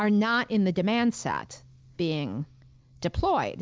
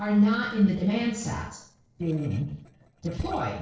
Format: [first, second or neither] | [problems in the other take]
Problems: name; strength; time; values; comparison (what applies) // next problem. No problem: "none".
first | noise reduction (neural separator model SepFormer DNS4)